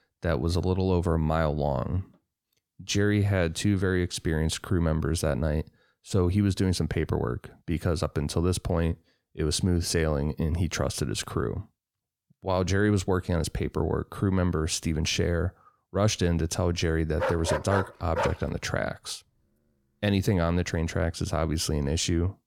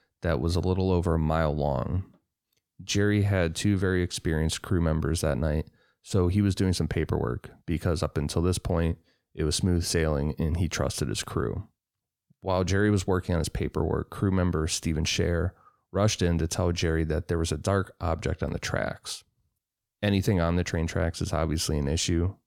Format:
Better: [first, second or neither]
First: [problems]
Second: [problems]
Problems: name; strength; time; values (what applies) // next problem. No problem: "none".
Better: second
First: dog barking; noticeable; from 17 to 18 s; peak 2 dB below the speech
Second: none